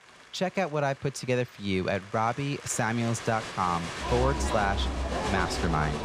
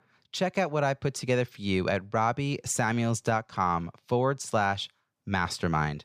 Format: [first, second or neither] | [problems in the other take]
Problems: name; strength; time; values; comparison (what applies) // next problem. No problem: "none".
second | crowd noise; loud; throughout; 4 dB below the speech